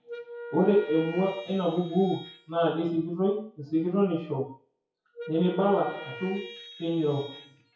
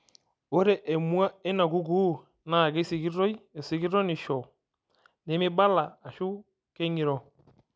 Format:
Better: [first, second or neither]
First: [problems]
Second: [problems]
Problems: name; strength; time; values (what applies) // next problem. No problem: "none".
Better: second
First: noise reduction (classical method WPE with log-MMSE)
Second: none